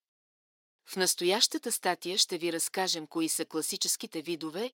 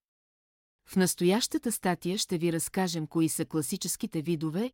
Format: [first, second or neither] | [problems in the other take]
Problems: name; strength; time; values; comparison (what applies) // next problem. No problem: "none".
second | thin; somewhat; fading below 450 Hz